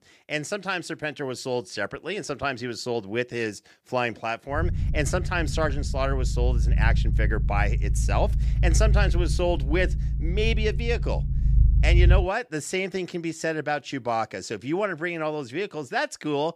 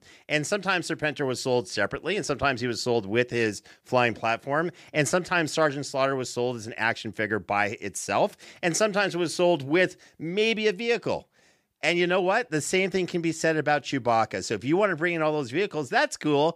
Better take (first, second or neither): second